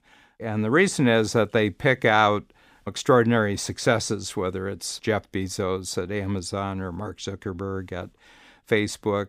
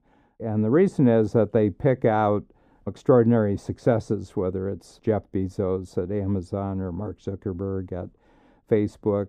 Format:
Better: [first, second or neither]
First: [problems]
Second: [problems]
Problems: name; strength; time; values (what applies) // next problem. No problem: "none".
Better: first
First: none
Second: muffled; very; fading above 1 kHz